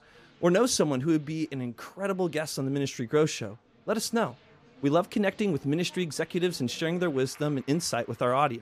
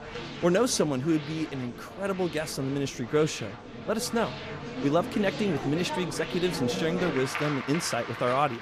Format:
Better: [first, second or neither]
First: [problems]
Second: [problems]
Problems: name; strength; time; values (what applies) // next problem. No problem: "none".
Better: first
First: crowd noise; faint; throughout; 25 dB below the speech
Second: crowd noise; loud; throughout; 8 dB below the speech